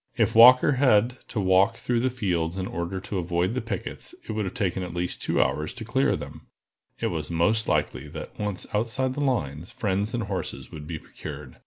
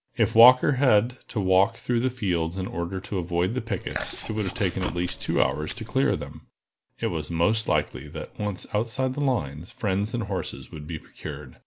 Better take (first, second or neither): first